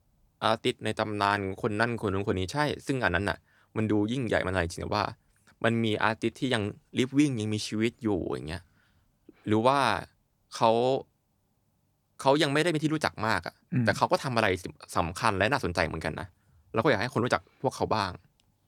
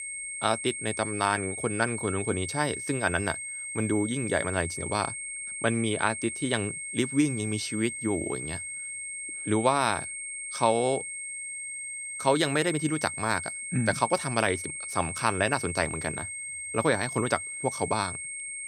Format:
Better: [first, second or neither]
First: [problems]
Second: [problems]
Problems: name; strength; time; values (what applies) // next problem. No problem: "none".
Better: first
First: none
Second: high-pitched whine; loud; throughout; 8.5 kHz, 5 dB below the speech